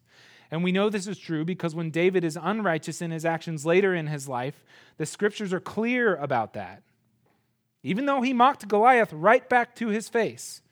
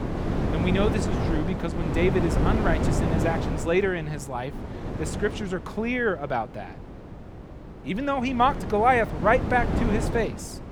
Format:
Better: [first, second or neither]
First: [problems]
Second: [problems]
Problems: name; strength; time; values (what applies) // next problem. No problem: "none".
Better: first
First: none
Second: wind noise on the microphone; heavy; 7 dB below the speech